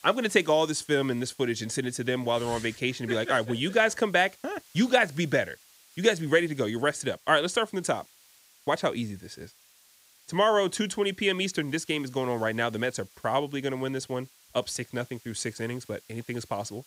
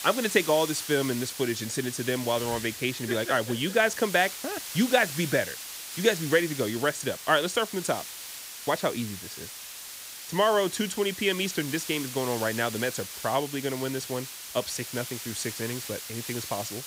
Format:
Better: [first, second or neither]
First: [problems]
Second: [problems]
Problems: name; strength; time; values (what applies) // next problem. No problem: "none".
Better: first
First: hiss; faint; throughout; 25 dB below the speech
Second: hiss; loud; throughout; 8 dB below the speech